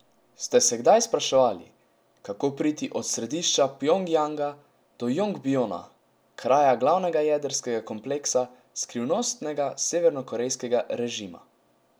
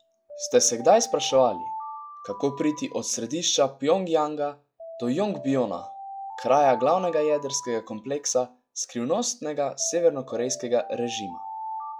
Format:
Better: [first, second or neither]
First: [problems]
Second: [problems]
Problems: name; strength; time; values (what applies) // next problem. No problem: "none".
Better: first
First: none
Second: noise reduction (classical method log-MMSE)